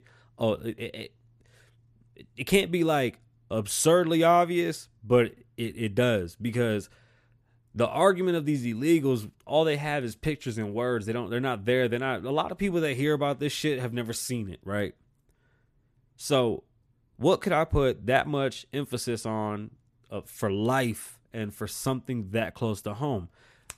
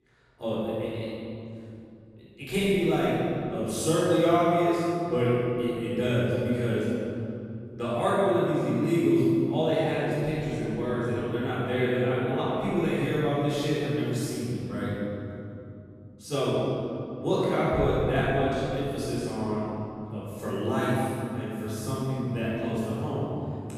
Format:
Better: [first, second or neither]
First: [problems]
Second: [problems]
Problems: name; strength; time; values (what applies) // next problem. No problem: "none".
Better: first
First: none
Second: off-mic speech; far // room echo; strong; dies away in 3 s